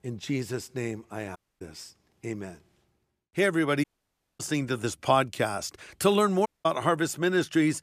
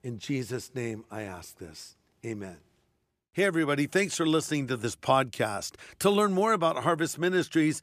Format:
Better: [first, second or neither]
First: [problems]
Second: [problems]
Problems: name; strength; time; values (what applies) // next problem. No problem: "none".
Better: second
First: audio cutting out; at 1.5 s, at 4 s for 0.5 s and at 6.5 s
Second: none